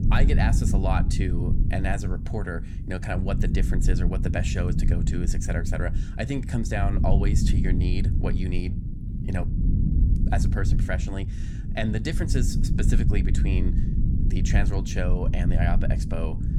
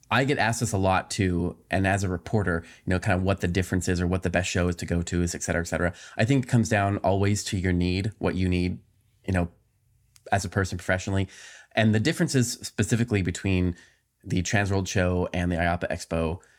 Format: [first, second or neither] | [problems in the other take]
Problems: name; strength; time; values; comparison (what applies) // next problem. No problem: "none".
second | low rumble; loud; throughout; 6 dB below the speech